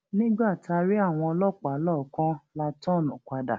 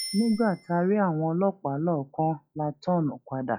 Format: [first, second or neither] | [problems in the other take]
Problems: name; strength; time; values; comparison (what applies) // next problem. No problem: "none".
first | noise reduction (classical method log-MMSE)